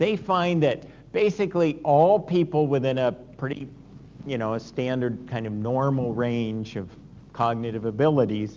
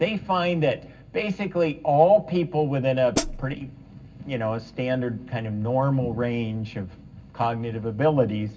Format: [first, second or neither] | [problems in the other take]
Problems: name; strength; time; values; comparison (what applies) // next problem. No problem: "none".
first | background sound (Hi-hat); 4 dB below the speech // room echo; dies away in 0.4 s